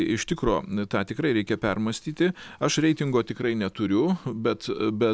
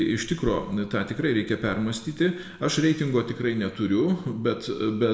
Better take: first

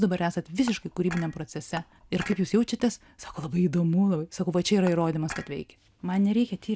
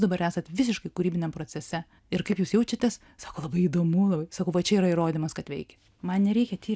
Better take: second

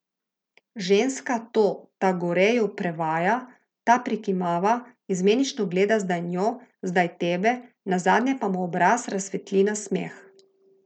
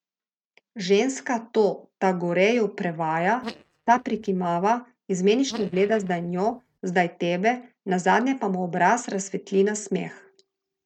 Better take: first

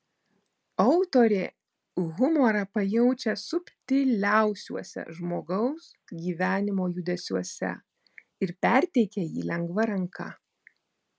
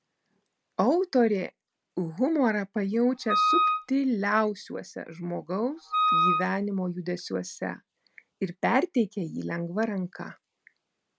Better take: first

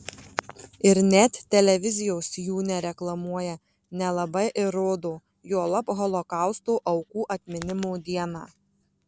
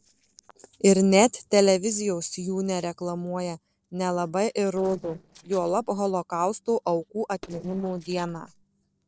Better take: first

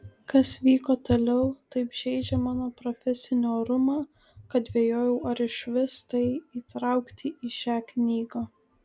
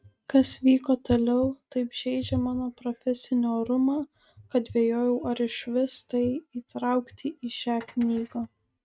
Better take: first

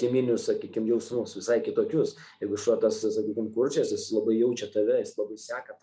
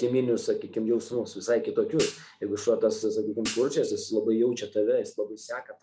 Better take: first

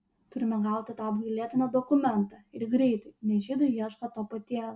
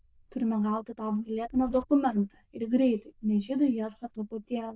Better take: first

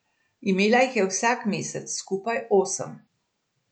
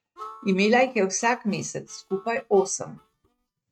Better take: first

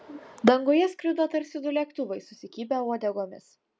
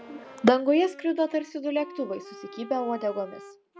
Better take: first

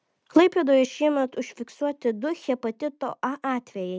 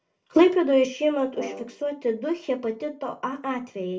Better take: first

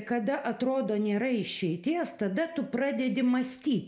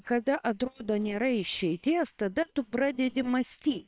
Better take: first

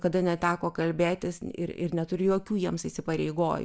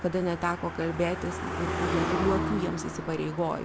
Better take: first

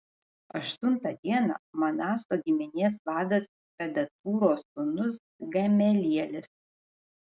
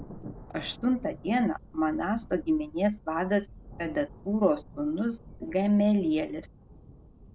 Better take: first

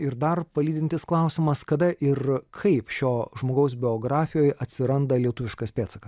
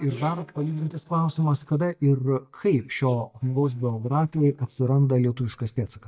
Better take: first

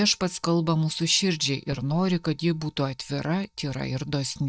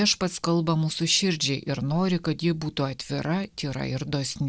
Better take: second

